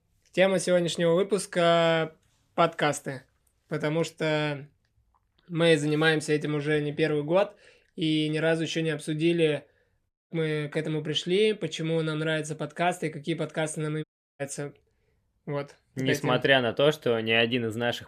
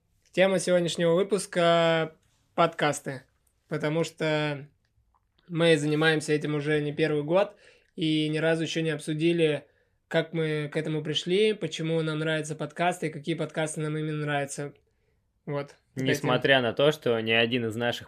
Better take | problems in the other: second | audio cutting out; at 10 s and at 14 s

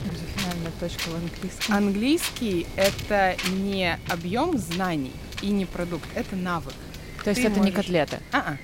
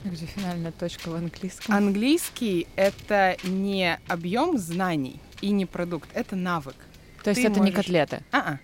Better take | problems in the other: second | wind noise on the microphone; heavy; 7 dB below the speech; occasional gusts in the second

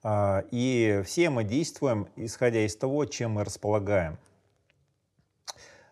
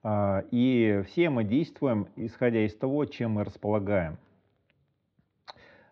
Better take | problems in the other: first | muffled; very; fading above 4 kHz

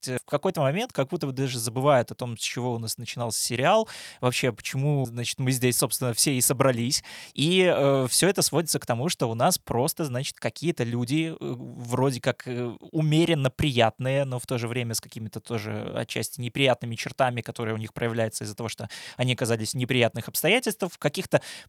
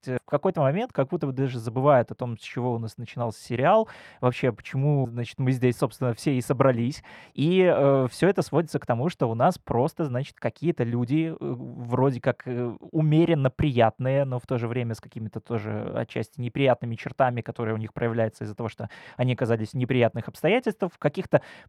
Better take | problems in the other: first | muffled; very; fading above 3 kHz

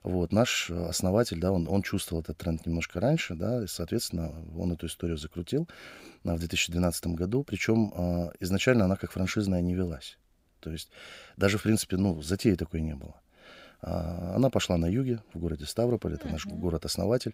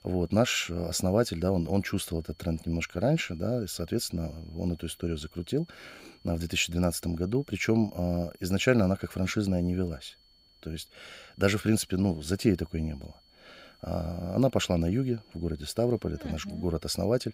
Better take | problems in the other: first | high-pitched whine; faint; throughout; 4.5 kHz, 30 dB below the speech

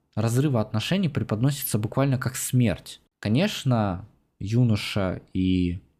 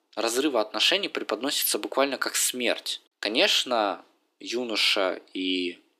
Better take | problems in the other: first | thin; very; fading below 300 Hz

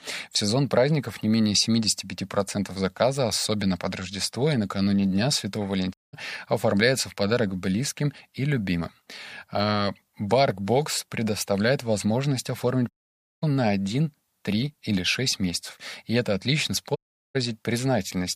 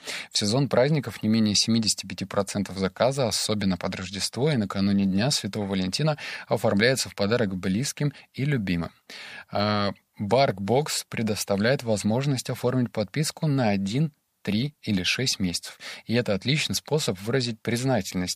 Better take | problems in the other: second | audio cutting out; at 6 s, at 13 s for 0.5 s and at 17 s

